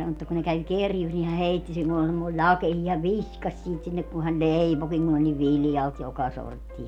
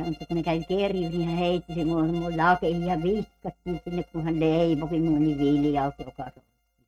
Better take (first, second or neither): first